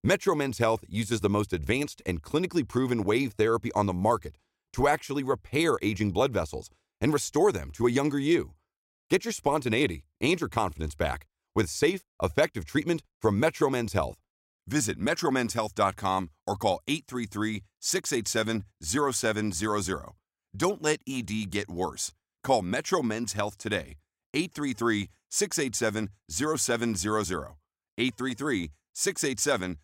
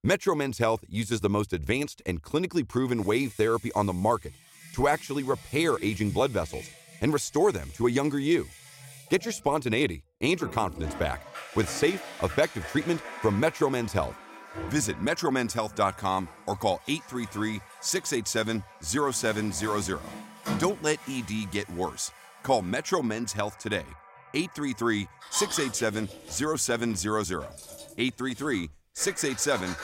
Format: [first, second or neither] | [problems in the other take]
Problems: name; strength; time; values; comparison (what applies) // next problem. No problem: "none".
first | household noises; noticeable; throughout; 15 dB below the speech